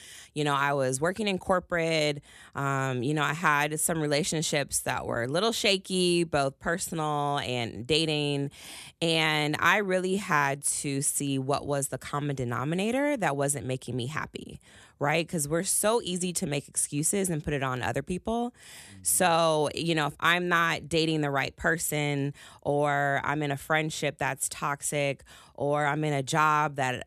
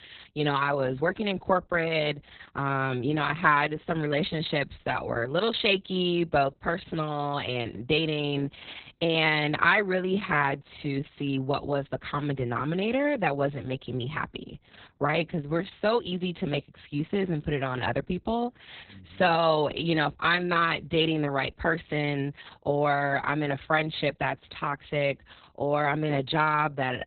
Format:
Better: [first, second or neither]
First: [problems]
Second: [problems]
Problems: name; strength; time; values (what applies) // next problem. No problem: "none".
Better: first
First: none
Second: garbled, watery; badly; nothing above 4 kHz